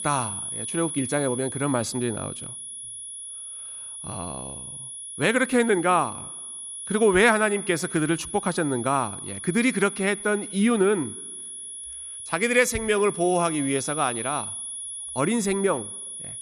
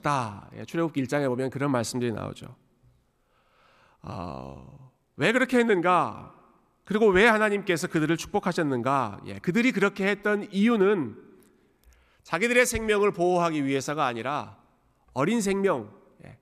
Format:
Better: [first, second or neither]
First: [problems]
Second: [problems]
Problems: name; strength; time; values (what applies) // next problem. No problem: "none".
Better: second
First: high-pitched whine; loud; throughout; 10.5 kHz, 9 dB below the speech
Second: none